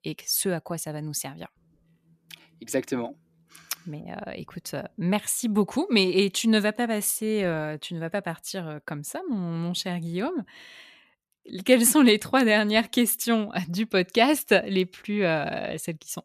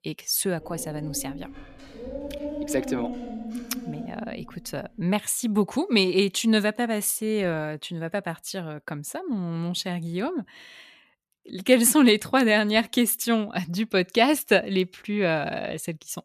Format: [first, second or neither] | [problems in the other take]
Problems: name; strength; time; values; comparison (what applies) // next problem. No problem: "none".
first | dog barking; noticeable; from 0.5 to 5 s; peak 8 dB below the speech